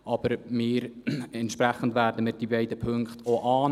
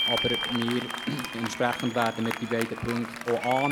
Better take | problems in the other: first | background sound (Applause + Glockenspiel); 4 dB below the speech

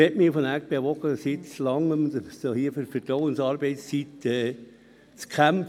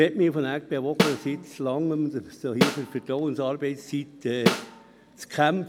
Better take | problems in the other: first | background sound (Snare drum); 2 dB below the speech

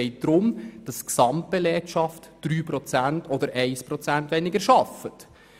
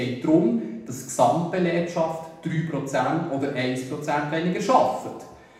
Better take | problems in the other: first | room echo; dies away in 0.8 s

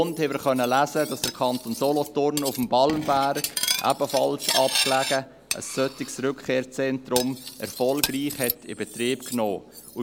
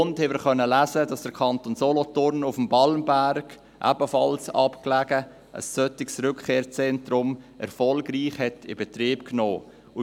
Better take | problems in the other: second | background sound (Cutlery, silverware); 7 dB below the speech

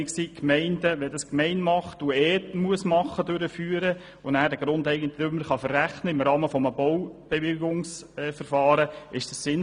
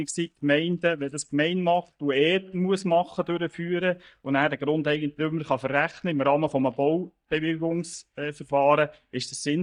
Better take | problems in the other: first | noise reduction (neural mask model DeepFilterNet 3)

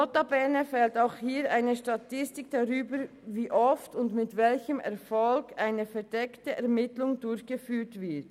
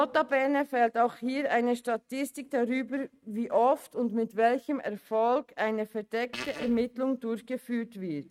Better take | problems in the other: first | noise reduction (neural mask model RNNoise)

